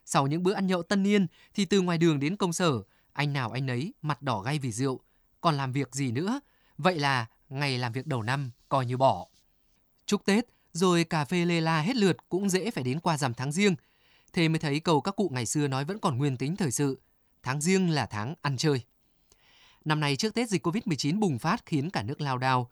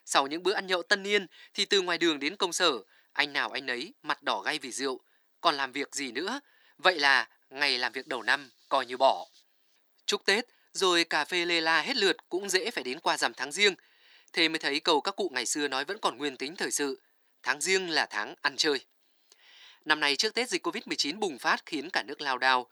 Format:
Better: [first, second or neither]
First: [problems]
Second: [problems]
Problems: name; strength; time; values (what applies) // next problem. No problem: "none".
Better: first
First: none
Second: thin; very; fading below 300 Hz